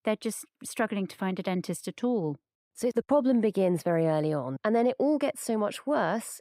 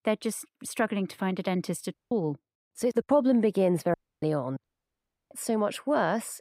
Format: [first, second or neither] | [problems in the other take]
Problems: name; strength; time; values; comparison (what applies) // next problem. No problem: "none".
first | audio cutting out; at 2 s, at 4 s and at 4.5 s for 0.5 s